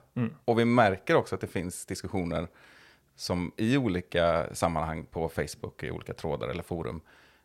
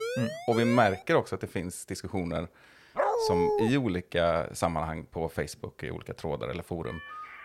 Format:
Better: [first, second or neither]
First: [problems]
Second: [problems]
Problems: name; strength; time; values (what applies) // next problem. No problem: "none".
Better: first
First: none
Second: siren; noticeable; until 1 s; peak 4 dB below the speech // dog barking; loud; at 3 s; peak 4 dB above the speech // phone ringing; faint; at 7 s; peak 10 dB below the speech